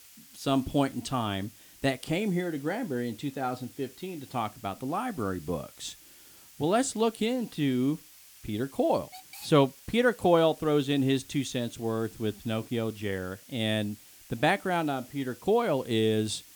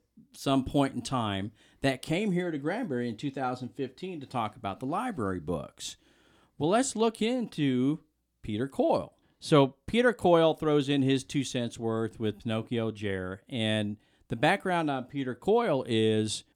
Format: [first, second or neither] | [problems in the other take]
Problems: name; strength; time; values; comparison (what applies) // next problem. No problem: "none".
second | hiss; faint; throughout; 20 dB below the speech